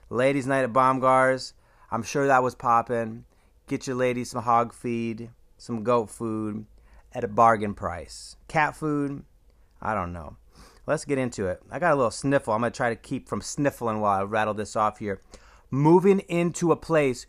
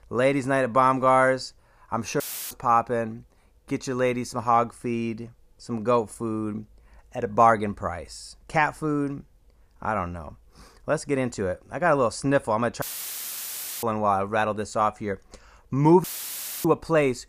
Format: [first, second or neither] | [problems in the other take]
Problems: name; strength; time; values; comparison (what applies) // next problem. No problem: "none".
first | audio cutting out; filled with static; at 2 s, at 13 s for 1 s and at 16 s for 0.5 s